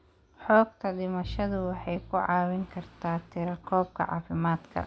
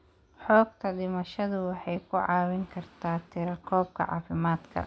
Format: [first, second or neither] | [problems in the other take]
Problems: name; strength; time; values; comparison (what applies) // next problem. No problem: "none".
second | background sound (Bowed string instrument); 16 dB below the speech